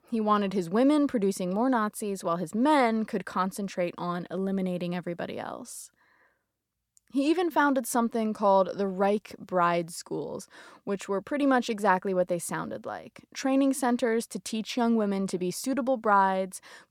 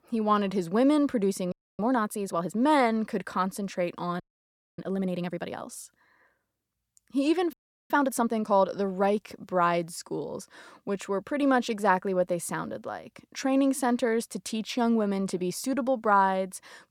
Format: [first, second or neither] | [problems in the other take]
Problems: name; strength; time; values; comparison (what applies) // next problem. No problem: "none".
first | audio freezing; at 1.5 s, at 4 s for 0.5 s and at 7.5 s